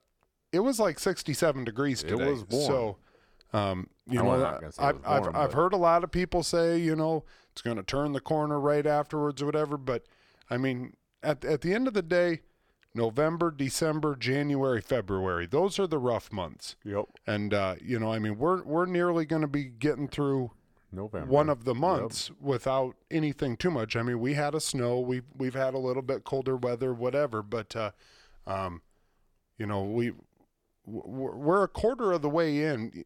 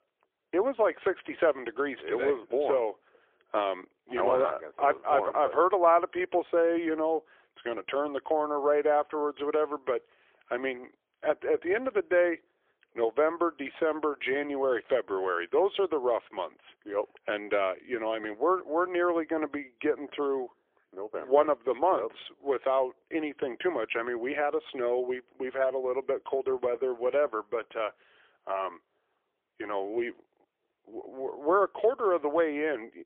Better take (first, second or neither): first